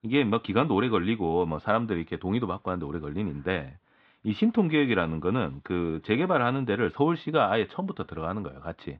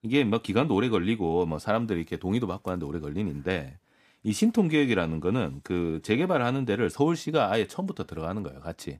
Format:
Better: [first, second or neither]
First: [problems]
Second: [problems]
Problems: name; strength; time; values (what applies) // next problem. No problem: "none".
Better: second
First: muffled; very; fading above 3.5 kHz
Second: none